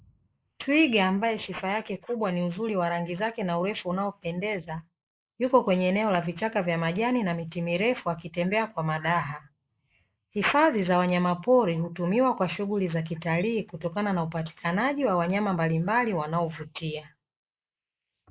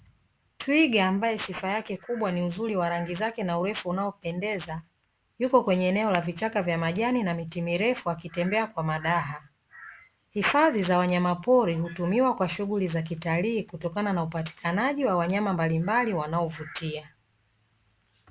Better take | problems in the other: second | noise reduction (neural mask model Resemble Enhance denoiser)

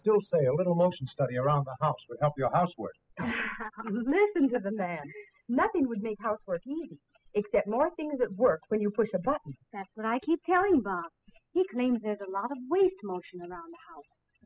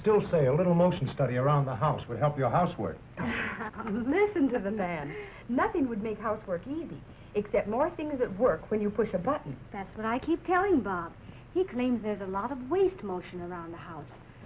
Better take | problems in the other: second | noise reduction (classical method spectral subtraction)

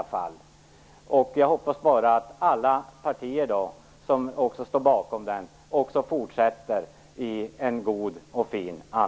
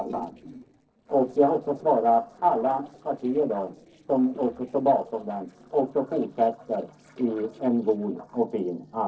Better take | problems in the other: first | noise reduction (neural separator model SepFormer DNS4)

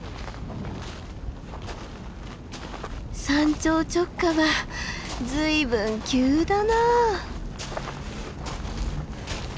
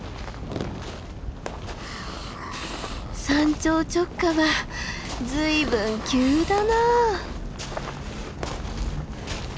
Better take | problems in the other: first | background sound (Fireworks + Hiss); 14 dB below the speech

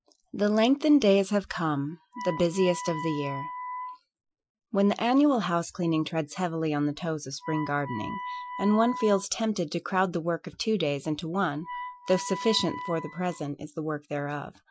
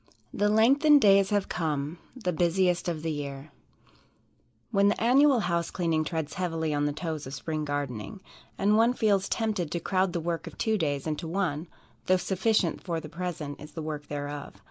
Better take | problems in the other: second | noise reduction (classical method Wiener filter)

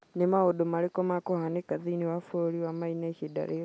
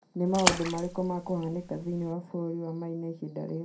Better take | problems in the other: first | background sound (Splash, splatter); 2 dB below the speech // room echo; dies away in 0.2 s

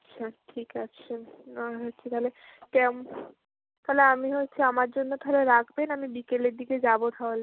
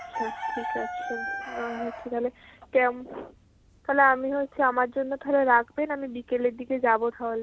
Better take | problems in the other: first | background sound (Chicken, rooster); 12 dB below the speech

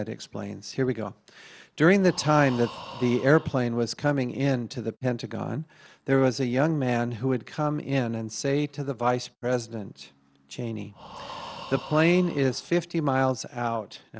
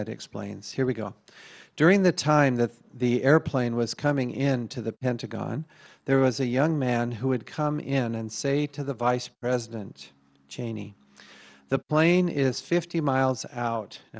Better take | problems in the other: second | background sound (Breathing); 17 dB below the speech

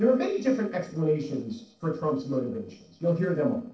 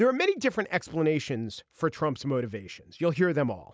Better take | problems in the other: second | noise reduction (neural separator model SepFormer DNS4)

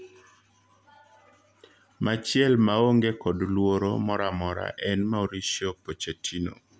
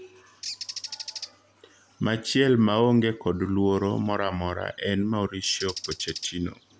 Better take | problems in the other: first | background sound (Bird); 15 dB below the speech

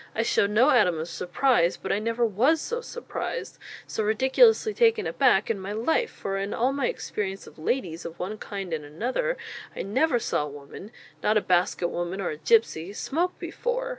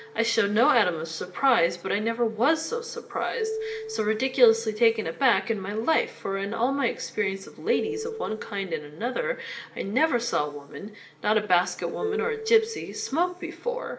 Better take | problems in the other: first | background sound (Marimba, xylophone); 13 dB below the speech // room echo; dies away in 1.3 s

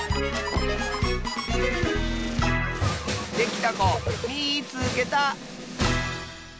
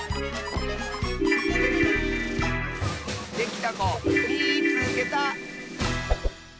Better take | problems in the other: first | background sound (Whoosh, swoosh, swish + Ringtone / Keyboard (musical)); 2 dB above the speech

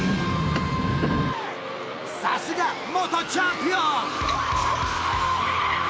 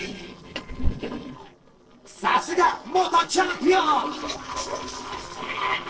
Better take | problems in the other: first | noise reduction (neural separator model SepFormer DNS4)

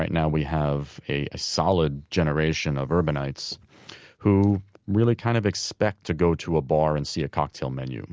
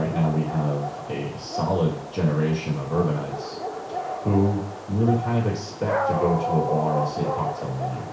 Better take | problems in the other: first | background sound (Dog); 6 dB below the speech // room echo; dies away in 0.6 s

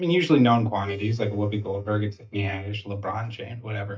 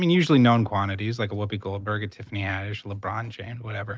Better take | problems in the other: second | noise reduction (neural mask model DeepFilterNet 3)

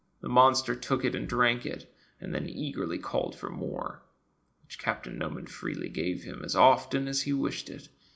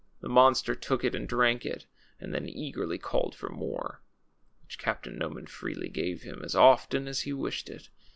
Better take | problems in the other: second | room echo; dies away in 0.4 s

